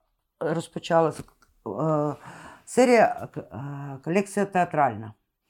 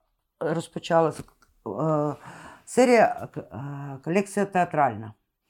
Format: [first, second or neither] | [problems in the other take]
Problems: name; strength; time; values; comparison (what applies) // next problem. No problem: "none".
neither | none